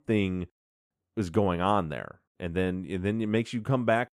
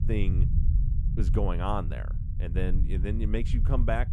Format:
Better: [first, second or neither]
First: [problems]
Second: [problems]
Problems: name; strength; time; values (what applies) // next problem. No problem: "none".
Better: first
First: none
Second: low rumble; loud; throughout; 10 dB below the speech